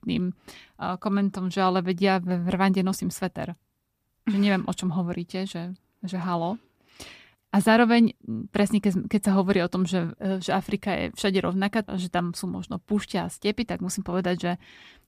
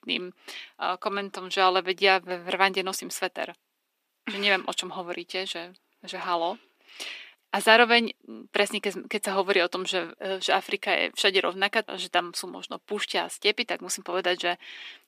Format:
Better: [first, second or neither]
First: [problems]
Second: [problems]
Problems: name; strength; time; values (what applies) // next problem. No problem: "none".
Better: first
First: none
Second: thin; very; fading below 350 Hz